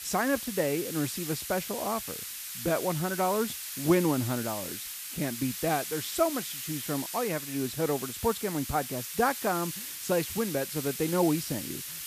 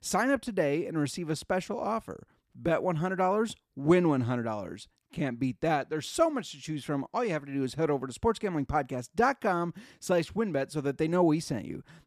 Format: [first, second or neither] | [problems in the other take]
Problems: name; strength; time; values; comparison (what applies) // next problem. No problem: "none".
second | hiss; loud; throughout; 5 dB below the speech